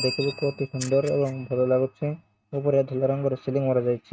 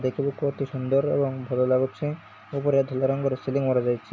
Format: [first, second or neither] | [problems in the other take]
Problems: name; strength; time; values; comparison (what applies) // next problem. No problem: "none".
second | noise reduction (neural mask model RNNoise)